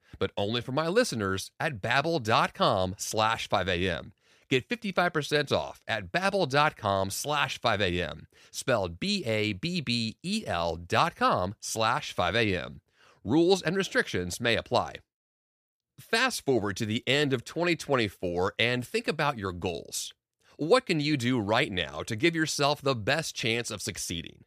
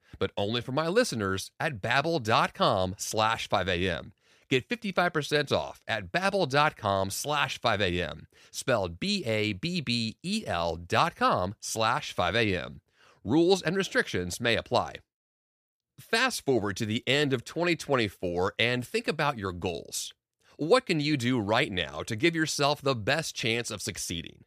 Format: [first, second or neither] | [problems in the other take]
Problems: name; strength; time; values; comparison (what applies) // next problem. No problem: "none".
neither | none